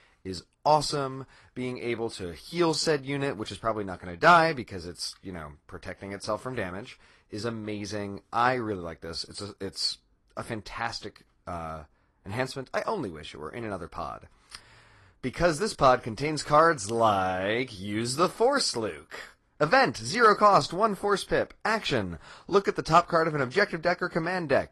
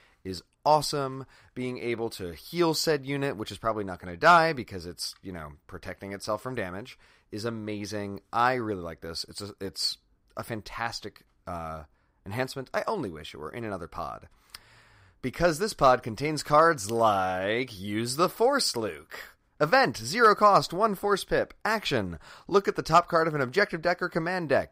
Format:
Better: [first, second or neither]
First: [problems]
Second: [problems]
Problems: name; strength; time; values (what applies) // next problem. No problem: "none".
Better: second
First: garbled, watery; slightly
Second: none